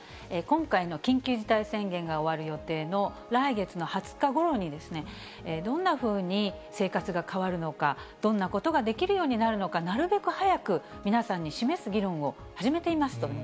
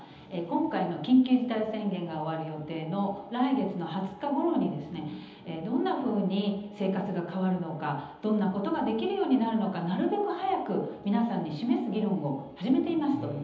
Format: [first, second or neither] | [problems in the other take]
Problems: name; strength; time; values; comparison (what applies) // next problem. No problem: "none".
first | room echo; dies away in 0.9 s